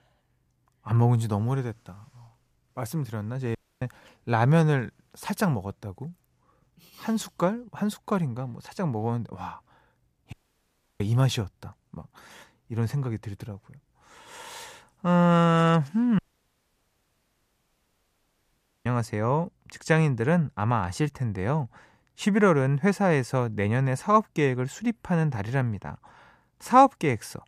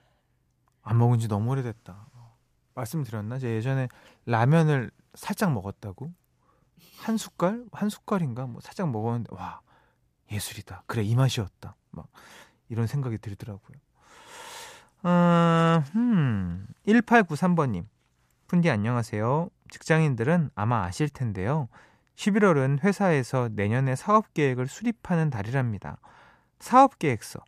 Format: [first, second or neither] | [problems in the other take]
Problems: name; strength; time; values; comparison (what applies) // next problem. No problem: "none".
second | audio cutting out; at 3.5 s, at 10 s for 0.5 s and at 16 s for 2.5 s